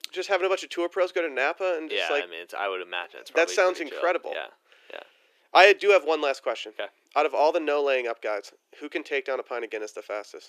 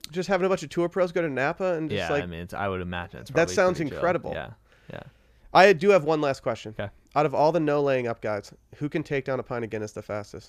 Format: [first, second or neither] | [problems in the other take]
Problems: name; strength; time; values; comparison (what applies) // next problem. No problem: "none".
second | thin; very; fading below 350 Hz